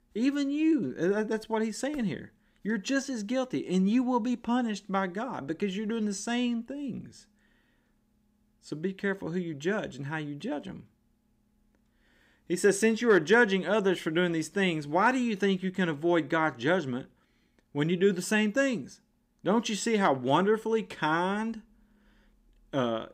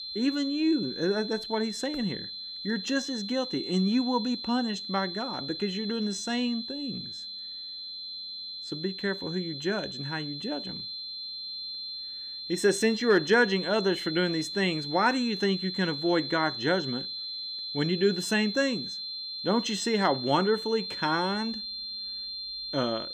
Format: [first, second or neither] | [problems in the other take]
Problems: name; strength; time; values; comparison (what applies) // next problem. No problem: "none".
first | high-pitched whine; loud; throughout; 4 kHz, 6 dB below the speech